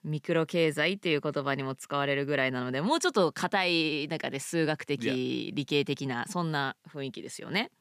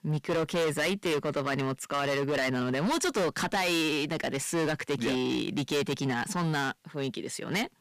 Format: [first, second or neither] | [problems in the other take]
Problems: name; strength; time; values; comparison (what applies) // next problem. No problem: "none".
first | distortion; heavy; 18% of the sound clipped